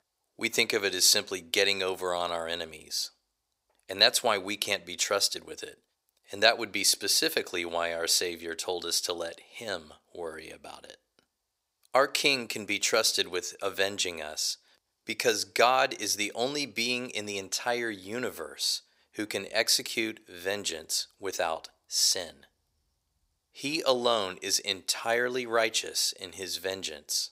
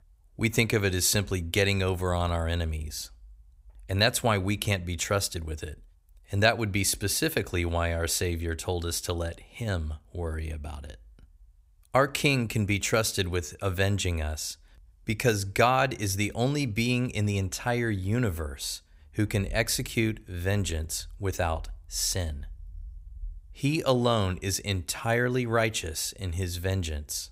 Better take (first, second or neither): second